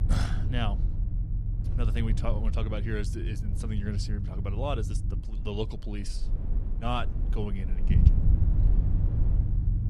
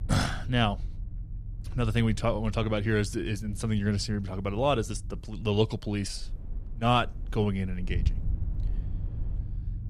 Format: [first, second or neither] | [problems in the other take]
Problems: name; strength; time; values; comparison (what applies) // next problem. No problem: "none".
second | low rumble; loud; throughout; 7 dB below the speech; faint in the second